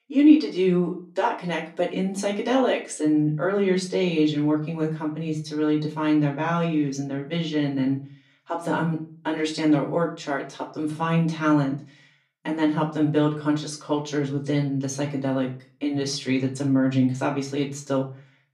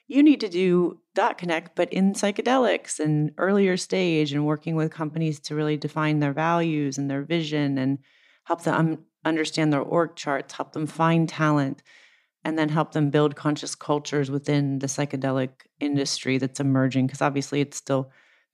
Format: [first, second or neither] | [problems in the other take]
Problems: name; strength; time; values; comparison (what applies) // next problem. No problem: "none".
second | off-mic speech; far // room echo; very slight; dies away in 0.3 s